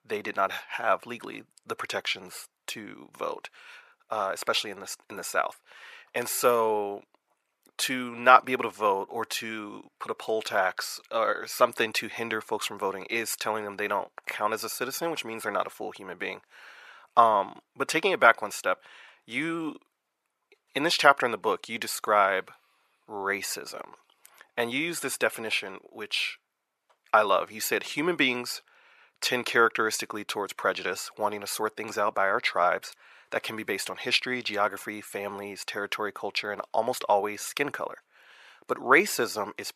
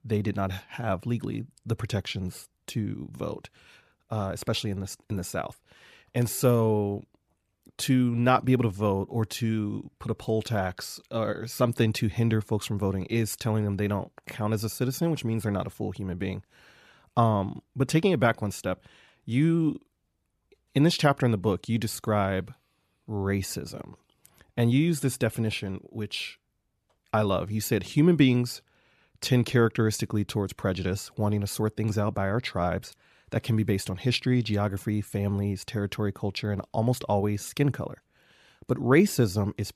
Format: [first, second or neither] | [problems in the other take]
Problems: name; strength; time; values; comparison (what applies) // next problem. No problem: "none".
second | thin; very; fading below 600 Hz